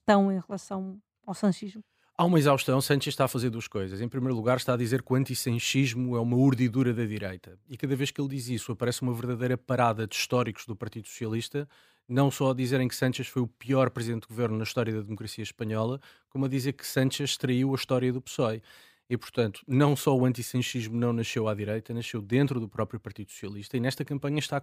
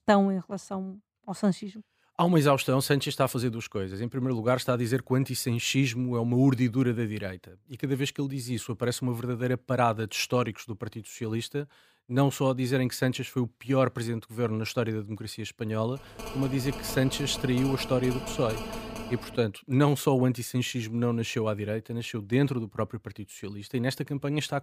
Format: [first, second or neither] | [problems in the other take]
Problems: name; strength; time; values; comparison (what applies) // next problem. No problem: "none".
first | phone ringing; noticeable; from 16 to 19 s; peak 8 dB below the speech